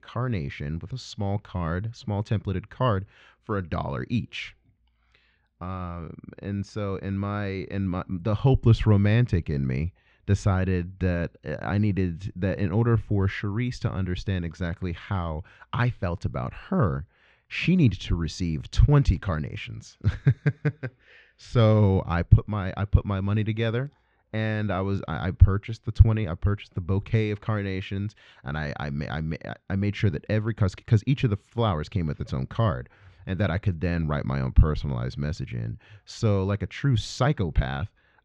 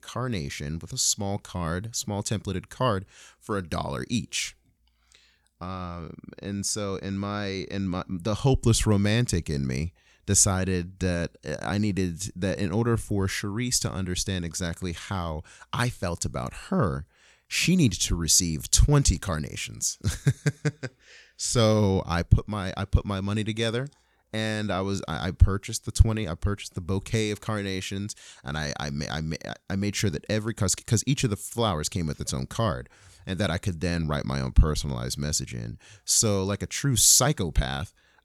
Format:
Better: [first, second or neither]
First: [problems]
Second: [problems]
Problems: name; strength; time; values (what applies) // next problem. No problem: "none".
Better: second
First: muffled; very; fading above 3 kHz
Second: none